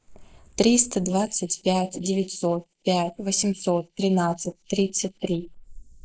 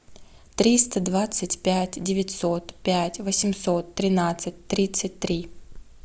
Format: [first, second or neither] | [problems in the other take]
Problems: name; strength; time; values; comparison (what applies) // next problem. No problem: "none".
second | noise reduction (neural mask model Resemble Enhance denoiser)